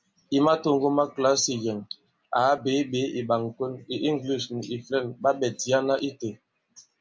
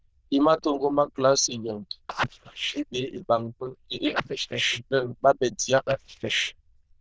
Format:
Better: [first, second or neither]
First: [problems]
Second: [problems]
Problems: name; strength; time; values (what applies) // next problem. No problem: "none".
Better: first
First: none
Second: noise reduction (neural diffusion model UNIVERSE++)